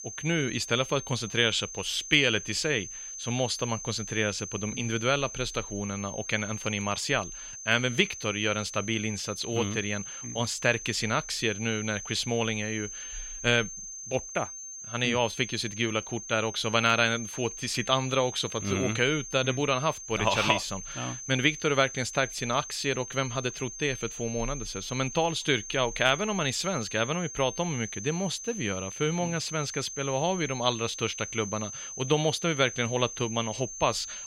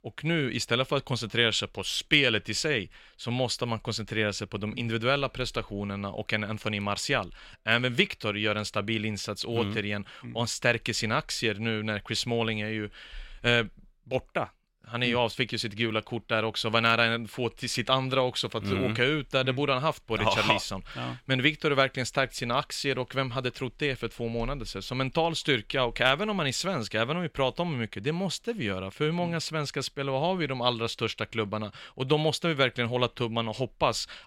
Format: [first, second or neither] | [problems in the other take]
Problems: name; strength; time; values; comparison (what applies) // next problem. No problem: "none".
second | high-pitched whine; loud; throughout; 6.5 kHz, 9 dB below the speech